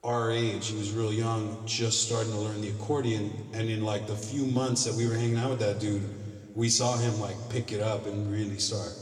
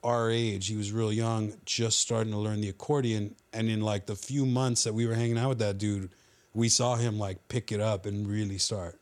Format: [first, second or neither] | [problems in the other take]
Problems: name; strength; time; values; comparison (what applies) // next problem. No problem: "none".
second | room echo; slight; dies away in 2 s